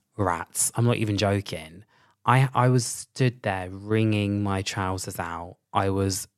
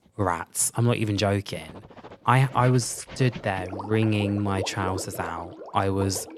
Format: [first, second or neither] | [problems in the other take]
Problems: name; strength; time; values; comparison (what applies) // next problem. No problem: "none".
first | household noises; noticeable; throughout; 15 dB below the speech